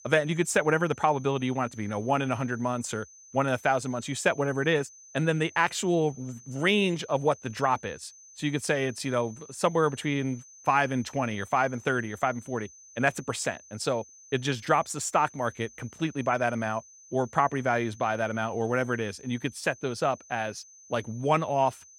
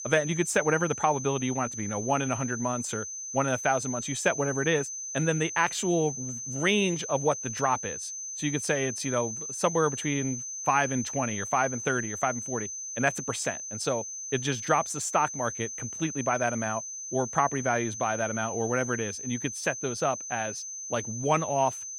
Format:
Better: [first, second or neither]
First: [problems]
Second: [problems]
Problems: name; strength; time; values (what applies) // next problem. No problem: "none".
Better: first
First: high-pitched whine; faint; throughout; 6 kHz, 20 dB below the speech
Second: high-pitched whine; loud; throughout; 6 kHz, 6 dB below the speech